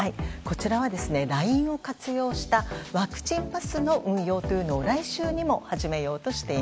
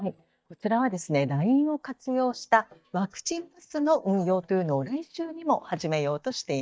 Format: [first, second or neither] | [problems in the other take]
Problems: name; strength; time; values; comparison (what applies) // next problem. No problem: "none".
first | noise reduction (neural mask model DeepFilterNet 3)